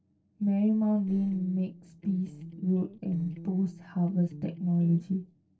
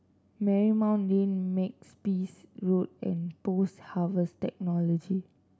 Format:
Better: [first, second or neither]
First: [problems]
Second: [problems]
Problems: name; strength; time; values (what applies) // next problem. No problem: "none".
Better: second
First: noise reduction (neural separator model SepFormer DNS4)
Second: none